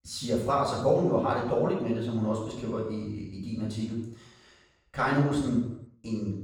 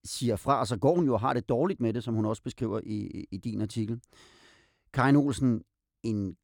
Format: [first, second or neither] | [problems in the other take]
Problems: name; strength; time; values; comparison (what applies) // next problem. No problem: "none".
second | room echo; noticeable; dies away in 0.7 s // off-mic speech; far